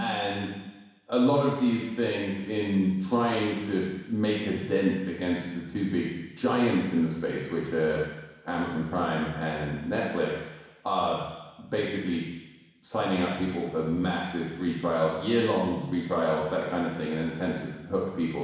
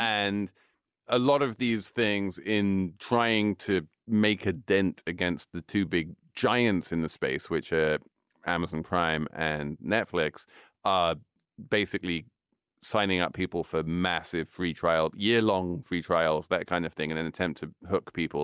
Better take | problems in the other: second | room echo; dies away in 1.1 s

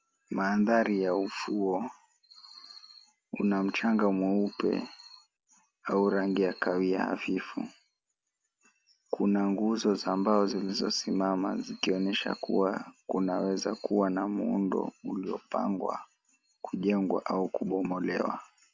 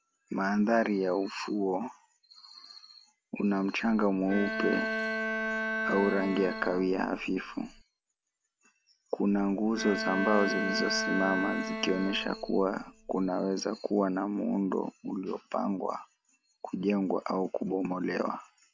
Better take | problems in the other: first | background sound (Bowed string instrument); 4 dB below the speech

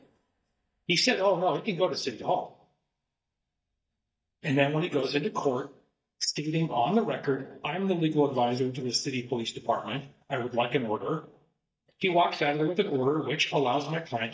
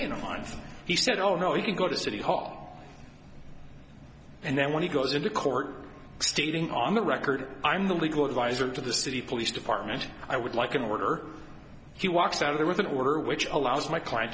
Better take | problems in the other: second | noise reduction (neural mask model DeepFilterNet 3)

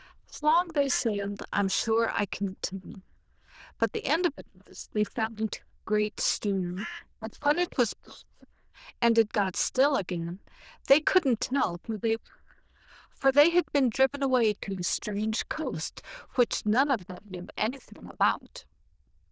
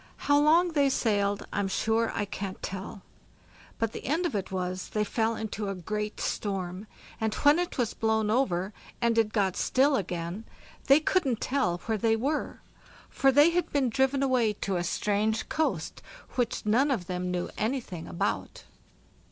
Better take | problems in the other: second | noise reduction (neural diffusion model UNIVERSE++)

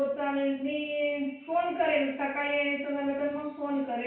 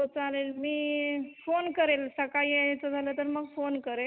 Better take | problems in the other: second | room echo; dies away in 0.5 s

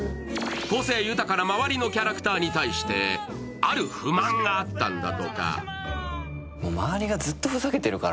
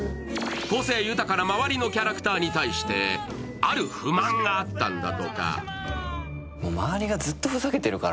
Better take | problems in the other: first | background sound (Drawer open or close); 19 dB below the speech

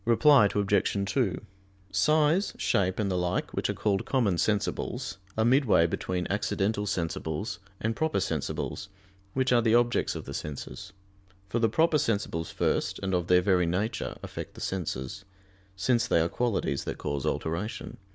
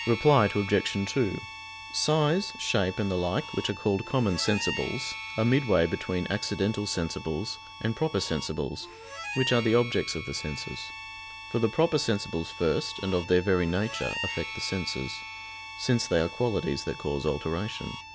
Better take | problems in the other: first | background sound (Harmonica + Harmonica); 11 dB below the speech

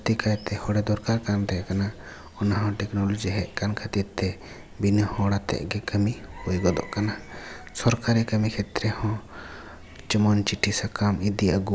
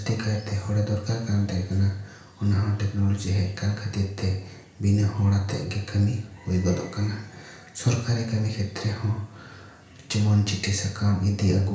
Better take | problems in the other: first | room echo; dies away in 0.5 s

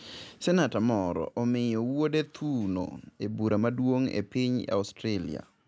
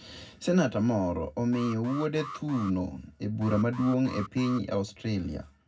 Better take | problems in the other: first | background sound (Alarm); 14 dB below the speech // room echo; dies away in 0.3 s

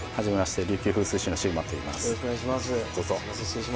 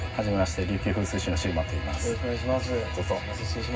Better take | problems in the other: first | room echo; dies away in 0.4 s

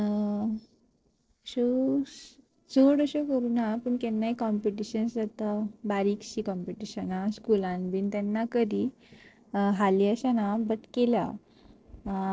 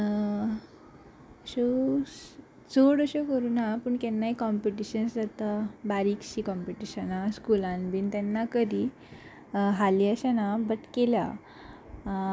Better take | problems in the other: second | noise reduction (neural separator model SepFormer DNS4)

